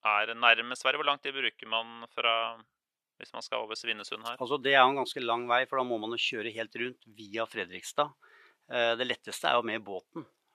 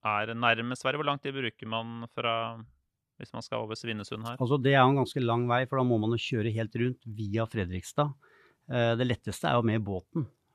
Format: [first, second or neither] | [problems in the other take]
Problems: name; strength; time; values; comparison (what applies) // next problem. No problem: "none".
second | thin; very; fading below 500 Hz